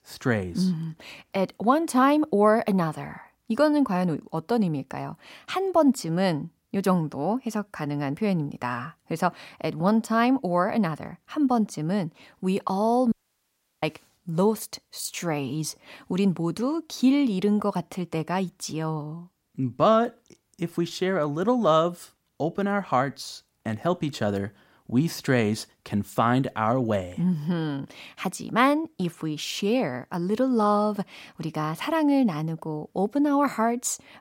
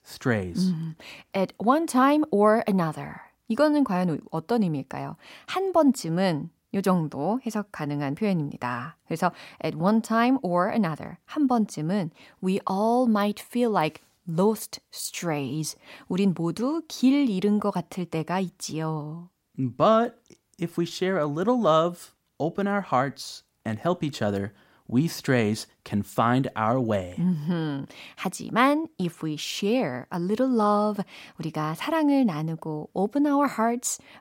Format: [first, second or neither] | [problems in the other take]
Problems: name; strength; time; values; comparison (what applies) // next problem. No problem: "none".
second | audio cutting out; at 13 s for 0.5 s